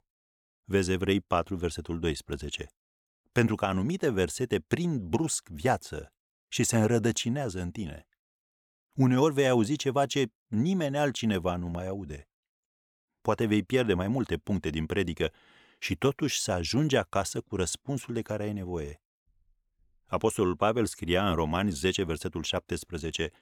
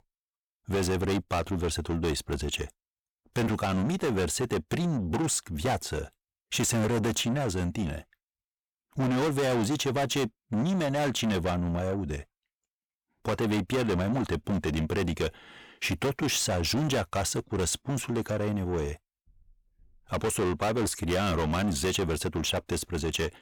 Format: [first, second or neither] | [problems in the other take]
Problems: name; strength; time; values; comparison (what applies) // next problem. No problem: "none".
first | distortion; heavy; 6 dB below the speech